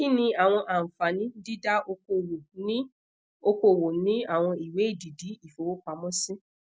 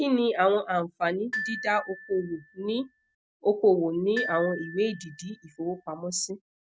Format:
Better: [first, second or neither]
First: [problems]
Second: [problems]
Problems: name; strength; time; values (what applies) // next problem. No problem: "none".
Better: first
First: none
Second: background sound (Glockenspiel); 10 dB below the speech